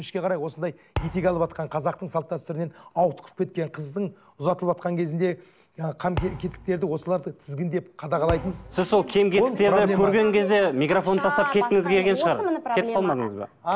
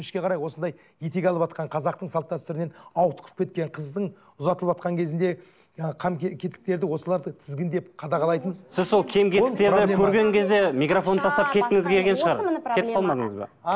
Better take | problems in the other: second | background sound (Thump, thud); 14 dB below the speech

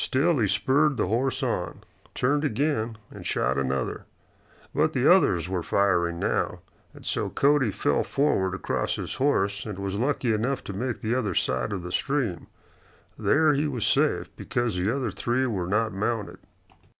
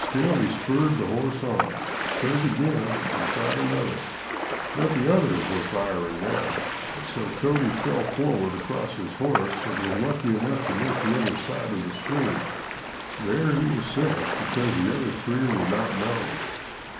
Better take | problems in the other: first | background sound (Ocean); 5 dB below the speech // room echo; dies away in 0.6 s

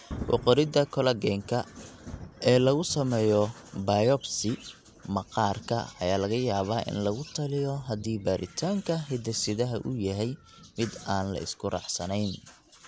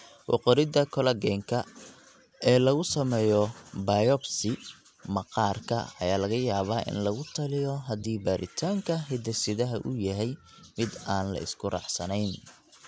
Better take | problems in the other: second | background sound (Thunder); 20 dB below the speech

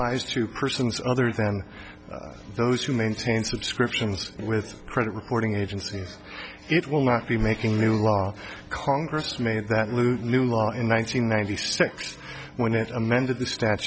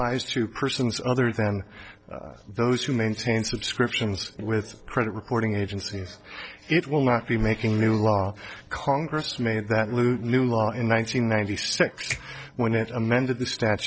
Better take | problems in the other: first | noise reduction (neural separator model SepFormer DNS4)

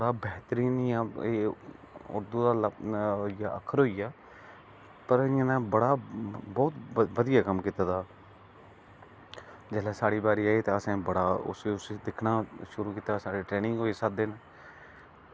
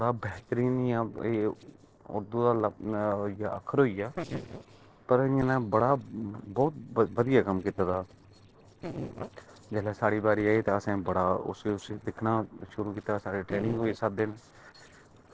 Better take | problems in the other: first | noise reduction (neural separator model SepFormer DNS4)

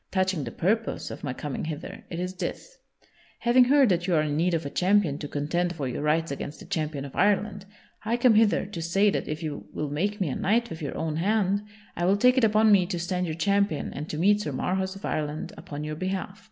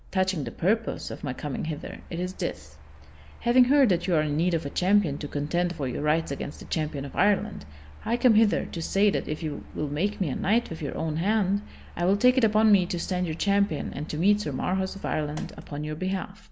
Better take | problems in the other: first | background sound (Mechanical fan); 18 dB below the speech

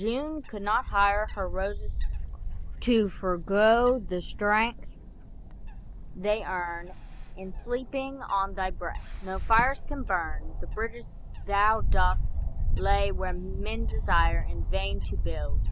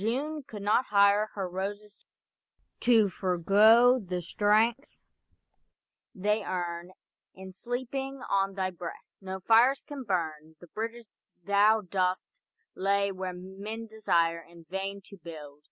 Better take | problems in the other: second | background sound (Wind / Bird); as loud as the speech

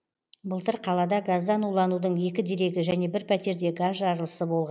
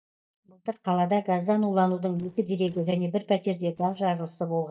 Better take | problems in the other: first | noise reduction (neural mask model DeepFilterNet 3)

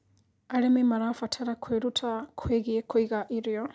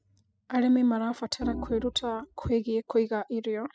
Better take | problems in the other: first | noise reduction (classical method spectral subtraction)

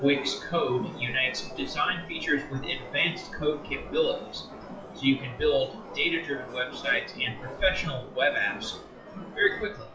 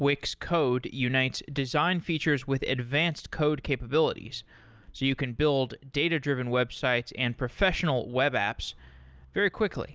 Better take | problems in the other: second | noise reduction (classical method WPE with log-MMSE)

